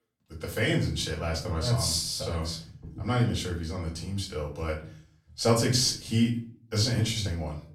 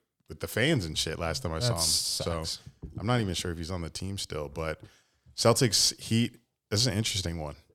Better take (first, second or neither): second